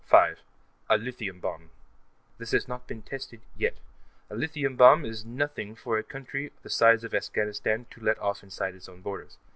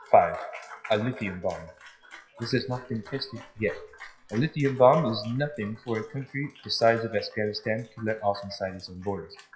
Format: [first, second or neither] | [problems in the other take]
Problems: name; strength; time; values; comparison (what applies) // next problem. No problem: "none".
first | noise reduction (classical method WPE with log-MMSE)